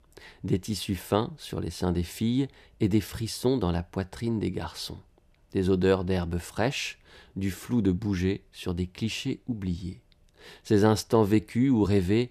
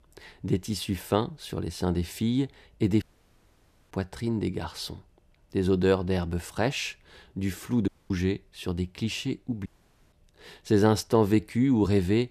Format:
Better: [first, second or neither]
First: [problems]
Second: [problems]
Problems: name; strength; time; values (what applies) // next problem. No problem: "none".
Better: first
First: none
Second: audio cutting out; at 3 s for 1 s, at 8 s and at 9.5 s